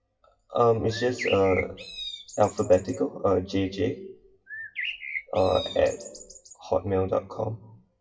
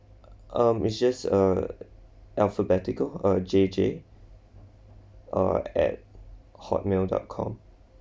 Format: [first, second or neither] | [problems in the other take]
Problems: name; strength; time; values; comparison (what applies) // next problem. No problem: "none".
second | noise reduction (classical method WPE with log-MMSE)